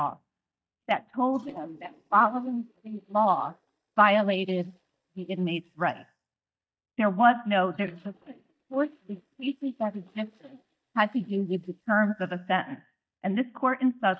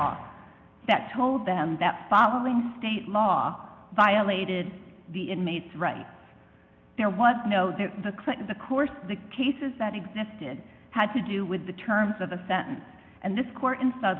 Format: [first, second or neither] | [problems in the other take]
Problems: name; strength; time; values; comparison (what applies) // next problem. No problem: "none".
second | noise reduction (neural mask model DeepFilterNet 3)